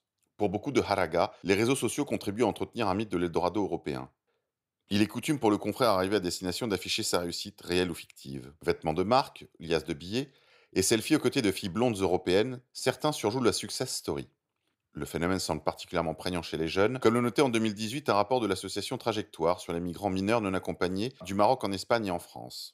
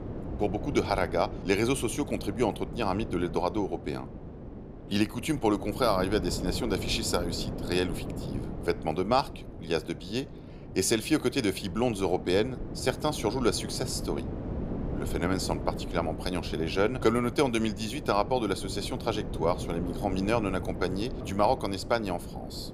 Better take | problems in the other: first | wind noise on the microphone; occasional gusts; 15 dB below the speech

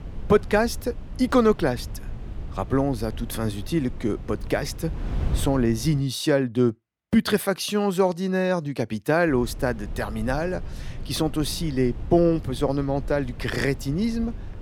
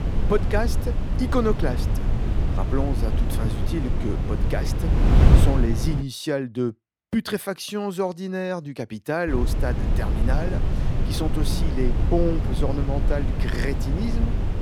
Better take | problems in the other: first | wind noise on the microphone; heavy; until 6 s and from 9.5 s on; 5 dB below the speech; occasional gusts in the first

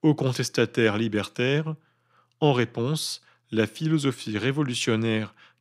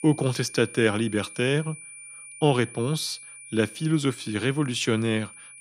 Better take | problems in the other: first | high-pitched whine; noticeable; throughout; 9.5 kHz, 15 dB below the speech

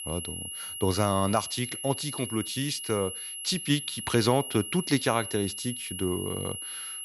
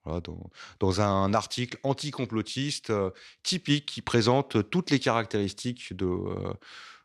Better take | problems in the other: second | high-pitched whine; loud; throughout; 11 kHz, 6 dB below the speech

